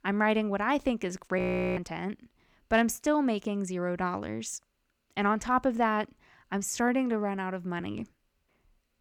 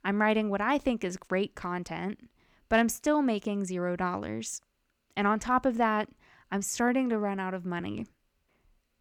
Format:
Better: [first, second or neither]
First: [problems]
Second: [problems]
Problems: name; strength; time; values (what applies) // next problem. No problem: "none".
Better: second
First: audio freezing; at 1.5 s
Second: none